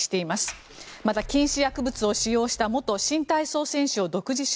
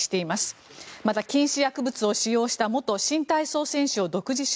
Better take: second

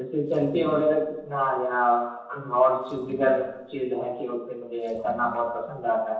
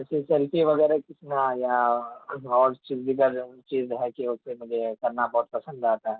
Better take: second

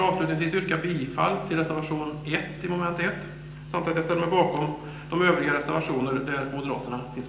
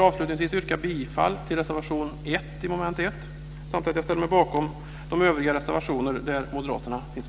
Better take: second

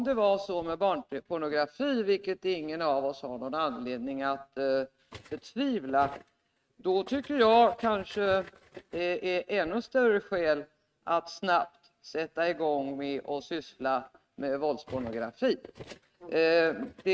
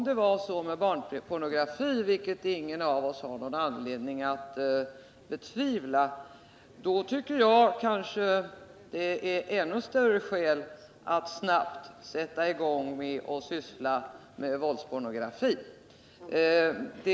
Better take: second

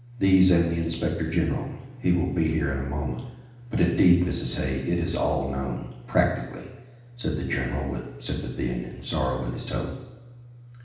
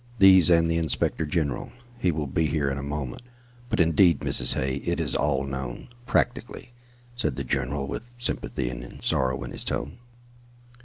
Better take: second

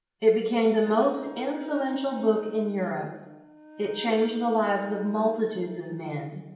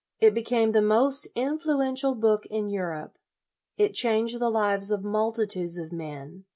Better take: second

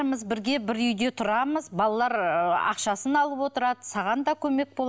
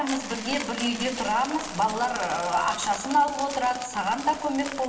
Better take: first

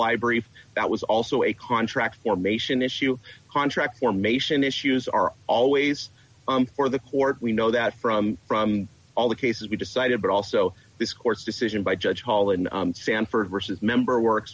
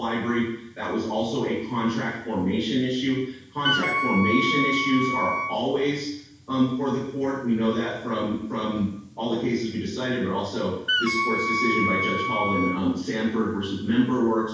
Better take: first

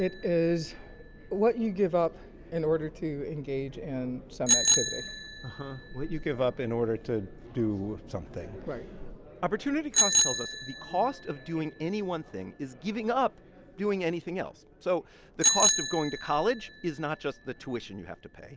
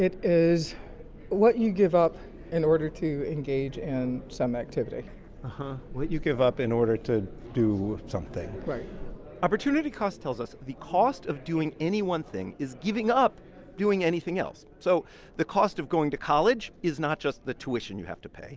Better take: second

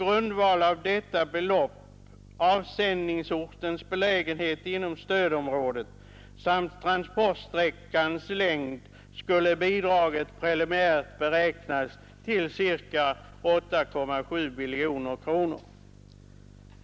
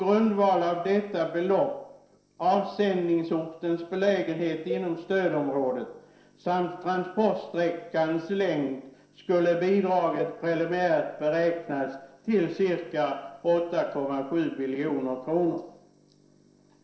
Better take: first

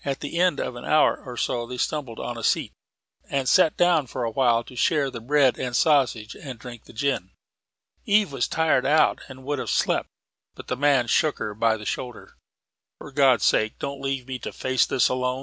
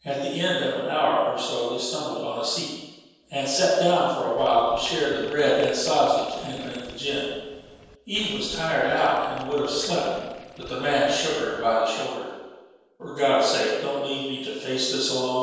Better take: first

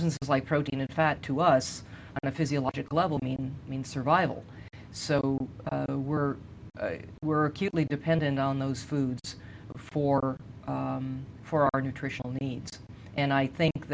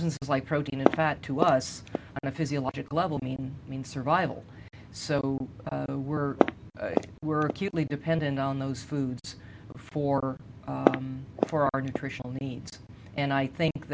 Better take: first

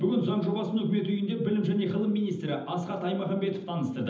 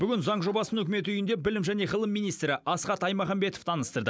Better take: second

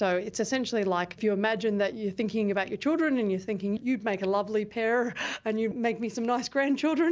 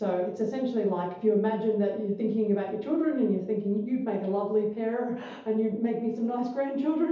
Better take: first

